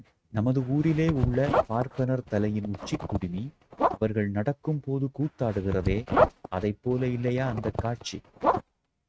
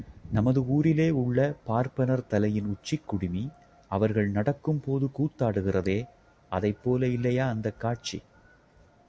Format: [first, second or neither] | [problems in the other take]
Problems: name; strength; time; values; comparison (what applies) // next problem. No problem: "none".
second | noise reduction (neural mask model RNNoise)